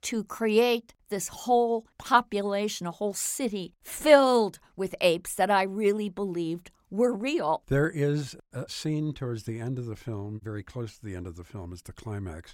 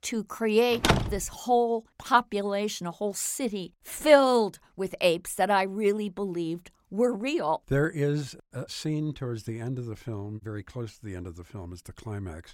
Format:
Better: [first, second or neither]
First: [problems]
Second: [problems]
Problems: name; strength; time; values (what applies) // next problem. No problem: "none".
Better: first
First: none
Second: door banging; loud; at 1 s; peak 3 dB above the speech